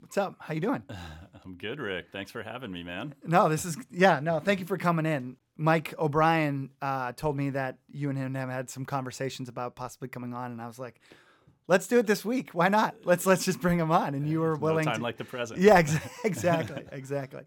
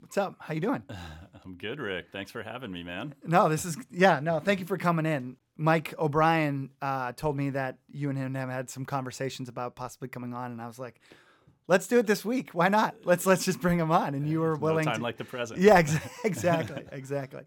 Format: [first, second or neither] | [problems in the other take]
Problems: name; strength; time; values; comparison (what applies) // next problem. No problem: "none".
neither | none